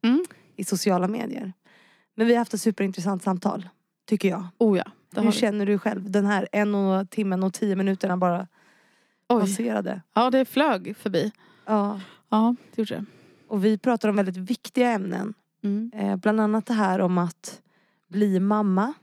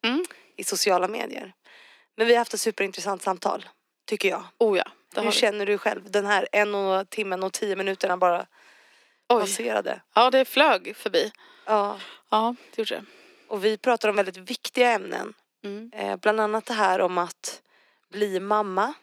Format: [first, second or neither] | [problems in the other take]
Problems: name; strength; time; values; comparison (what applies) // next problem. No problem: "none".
first | thin; very; fading below 400 Hz